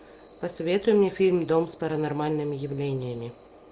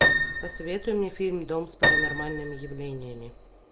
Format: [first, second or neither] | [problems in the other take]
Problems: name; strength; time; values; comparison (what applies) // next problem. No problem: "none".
first | background sound (Piano); 4 dB above the speech